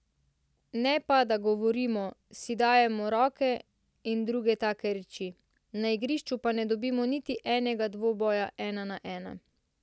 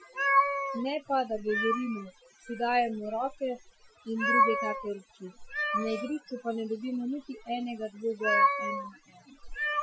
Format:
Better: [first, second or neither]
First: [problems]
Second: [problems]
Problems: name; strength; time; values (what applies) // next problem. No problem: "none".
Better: first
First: none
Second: noise reduction (classical method Wiener filter)